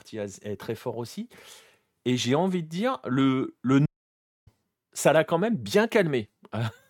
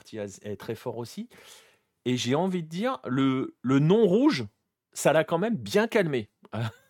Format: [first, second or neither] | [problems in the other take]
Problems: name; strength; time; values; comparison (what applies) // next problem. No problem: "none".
second | audio cutting out; at 4 s for 0.5 s